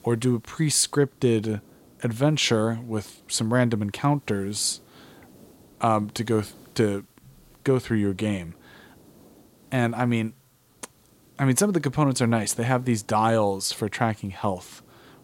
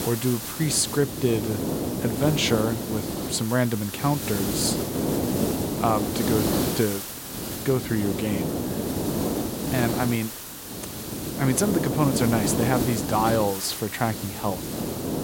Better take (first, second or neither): first